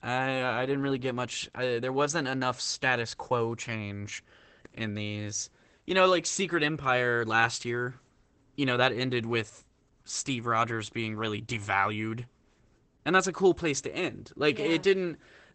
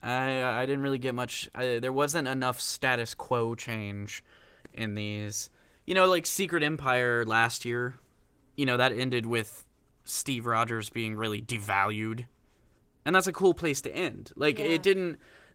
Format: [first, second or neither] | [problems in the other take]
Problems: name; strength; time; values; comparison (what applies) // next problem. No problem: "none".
second | garbled, watery; badly; nothing above 8 kHz; slightly in the second